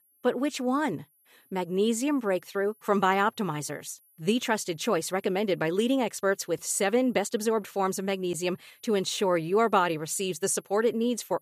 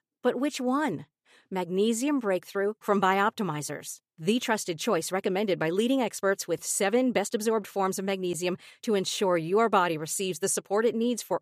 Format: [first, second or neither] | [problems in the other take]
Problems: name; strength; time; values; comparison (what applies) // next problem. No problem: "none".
second | high-pitched whine; faint; throughout; 11.5 kHz, 35 dB below the speech